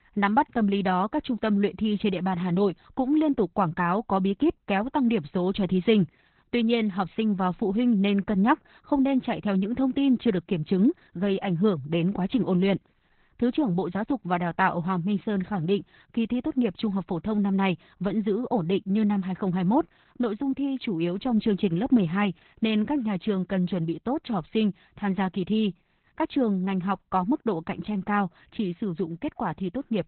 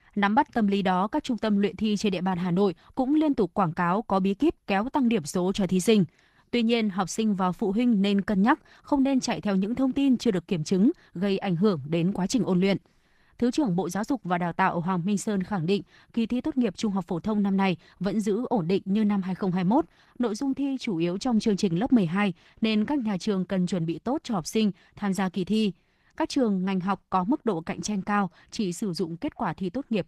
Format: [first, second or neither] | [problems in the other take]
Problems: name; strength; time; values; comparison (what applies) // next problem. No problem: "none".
second | garbled, watery; badly; nothing above 4 kHz; slightly in the second